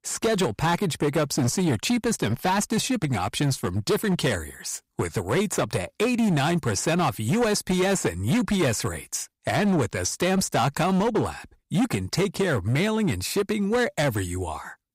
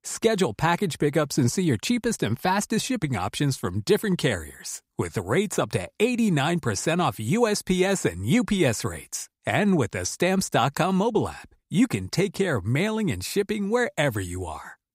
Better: second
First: distortion; slight; 13% of the sound clipped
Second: none

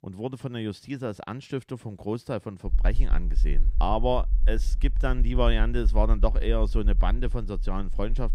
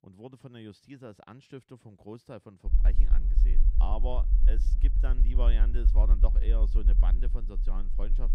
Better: first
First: low rumble; faint; from 2.5 s on; 20 dB below the speech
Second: low rumble; loud; from 2.5 s on; 7 dB below the speech

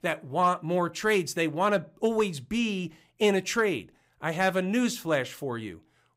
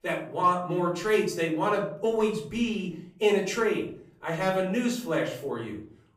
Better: first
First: none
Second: off-mic speech; far // room echo; slight; dies away in 0.5 s

